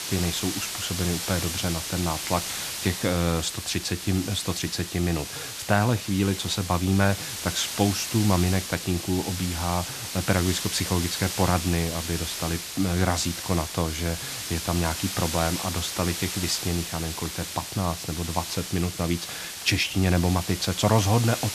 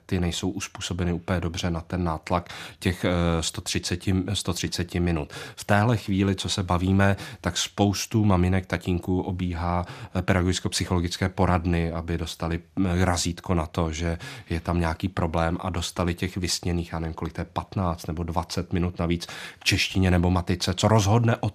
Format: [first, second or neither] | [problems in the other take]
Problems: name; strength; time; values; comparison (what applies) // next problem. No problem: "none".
second | hiss; loud; throughout; 5 dB below the speech